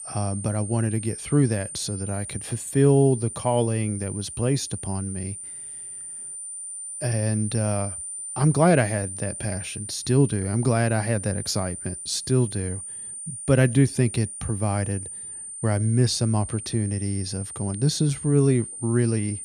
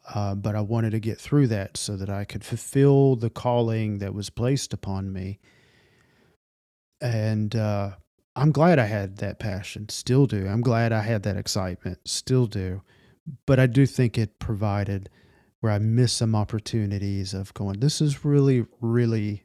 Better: second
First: high-pitched whine; loud; throughout; 9 kHz, 9 dB below the speech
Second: none

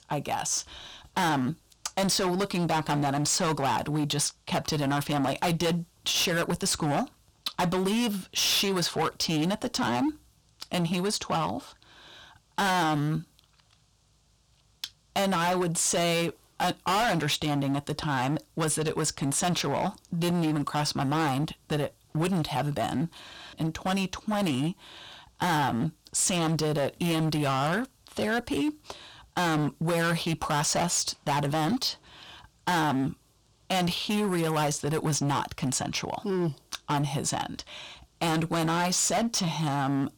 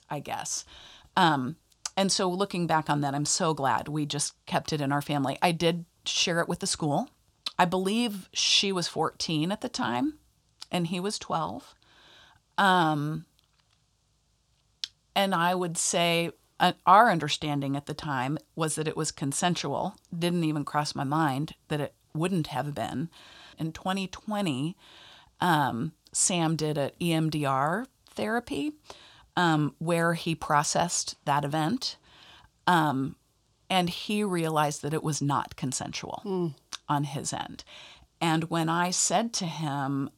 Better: second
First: distortion; heavy; 18% of the sound clipped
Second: none

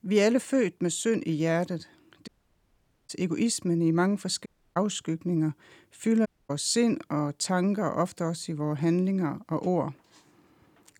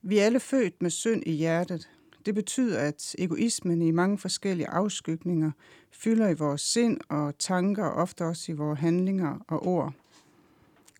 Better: second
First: audio cutting out; at 2.5 s for 1 s, at 4.5 s and at 6.5 s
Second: none

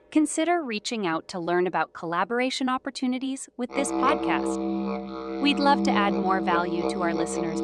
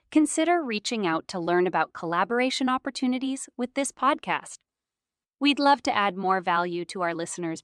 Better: second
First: background music; loud; throughout; 2 dB below the speech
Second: none

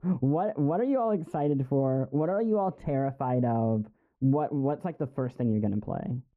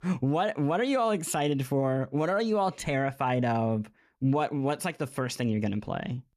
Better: second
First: muffled; very; fading above 2 kHz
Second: none

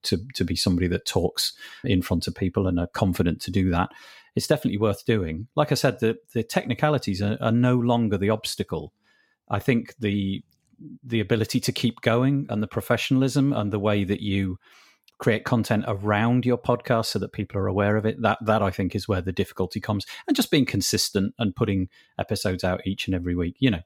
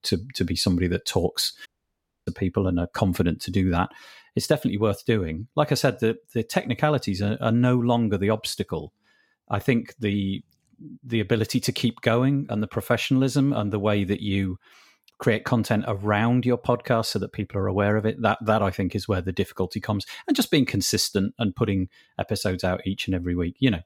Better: first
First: none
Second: audio cutting out; at 1.5 s for 0.5 s

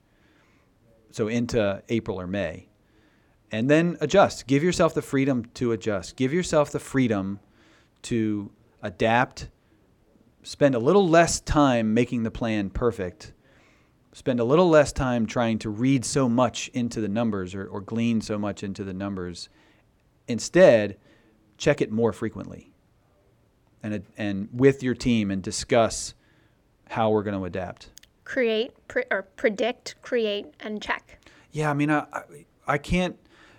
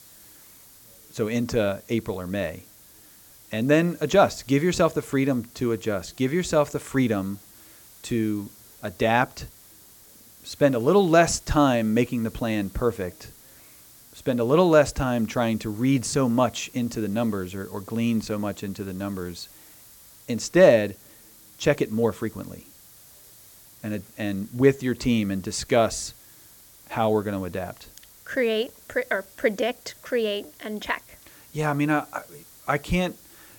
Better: first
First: none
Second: hiss; faint; throughout; 25 dB below the speech

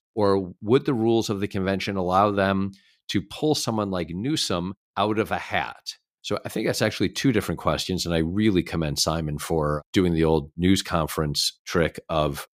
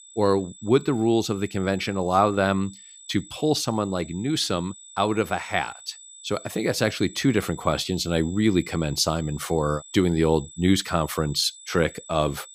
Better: first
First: none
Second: high-pitched whine; noticeable; throughout; 8 kHz, 20 dB below the speech

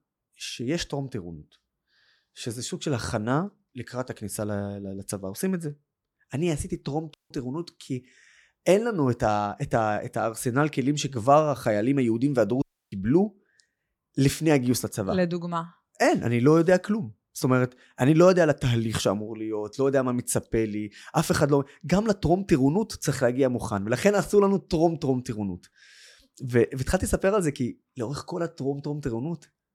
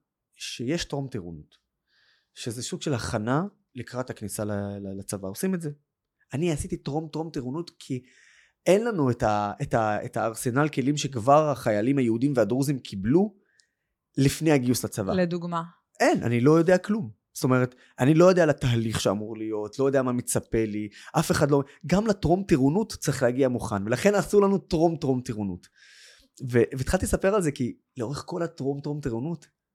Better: second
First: audio cutting out; at 7 s and at 13 s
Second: none

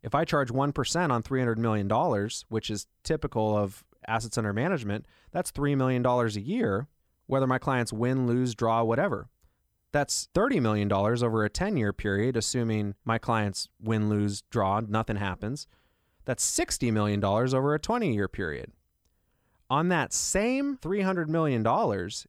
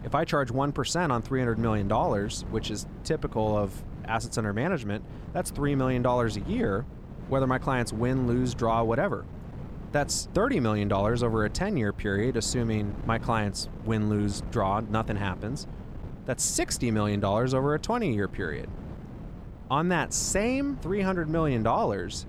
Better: first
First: none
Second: wind noise on the microphone; occasional gusts; 20 dB below the speech

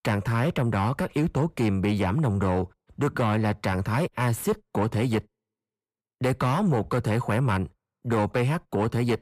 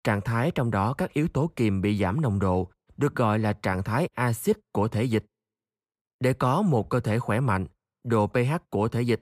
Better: second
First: distortion; slight; 10 dB below the speech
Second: none

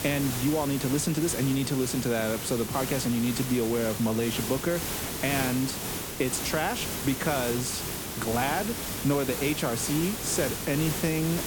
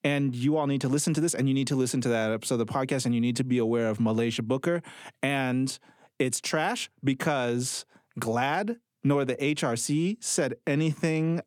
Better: second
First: hiss; loud; throughout; 4 dB below the speech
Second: none

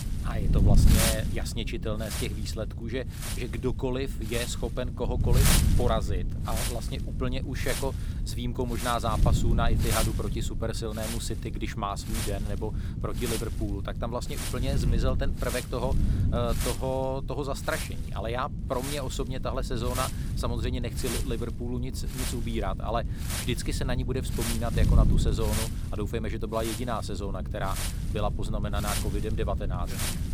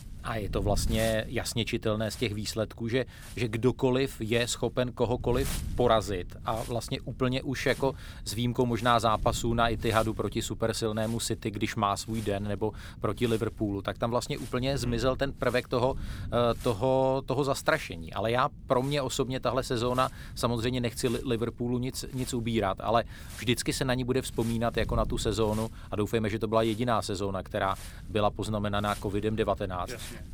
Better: second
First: wind noise on the microphone; heavy; 4 dB below the speech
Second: wind noise on the microphone; occasional gusts; 20 dB below the speech

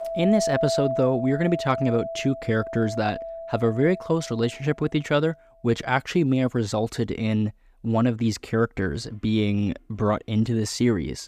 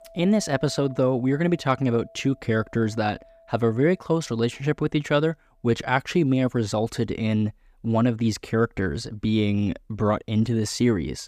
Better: second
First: household noises; loud; throughout; 6 dB below the speech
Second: household noises; faint; throughout; 25 dB below the speech

